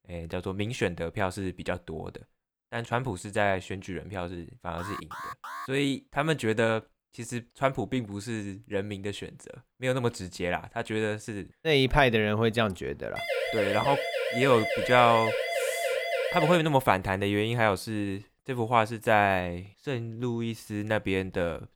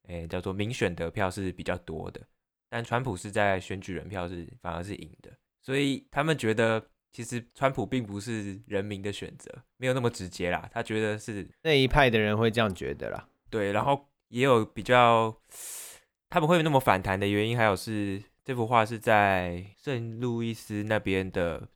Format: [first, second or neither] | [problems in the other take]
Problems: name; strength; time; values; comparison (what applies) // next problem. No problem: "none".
second | alarm; faint; at 5 s; peak 10 dB below the speech // siren; noticeable; from 13 to 17 s; peak level with the speech